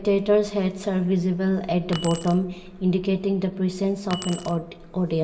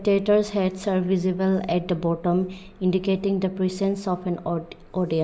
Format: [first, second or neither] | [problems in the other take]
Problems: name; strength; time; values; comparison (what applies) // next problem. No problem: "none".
second | background sound (Keys jangling); 15 dB below the speech // room echo; dies away in 0.9 s